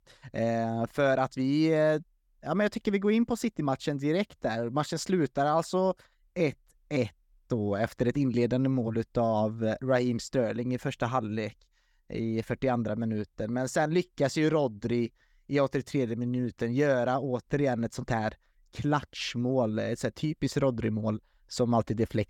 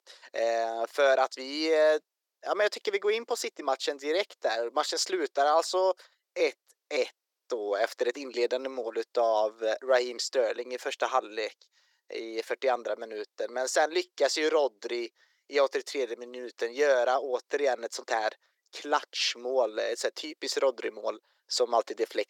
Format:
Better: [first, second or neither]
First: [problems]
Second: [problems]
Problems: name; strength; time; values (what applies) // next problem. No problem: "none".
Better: first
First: none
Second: thin; very; fading below 400 Hz